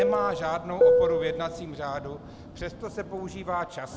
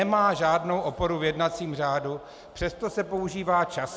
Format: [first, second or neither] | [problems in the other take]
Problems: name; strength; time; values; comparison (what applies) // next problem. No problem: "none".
second | background sound (Fixed-wing aircraft, airplane); 5 dB above the speech